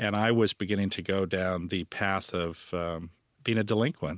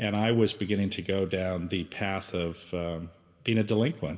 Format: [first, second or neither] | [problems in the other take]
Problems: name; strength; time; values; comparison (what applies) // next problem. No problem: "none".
first | room echo; dies away in 1.6 s